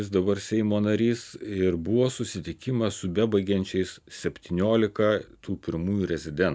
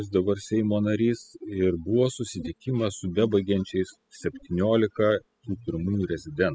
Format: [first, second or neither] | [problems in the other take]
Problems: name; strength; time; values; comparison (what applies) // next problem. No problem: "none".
first | noise reduction (classical method spectral subtraction)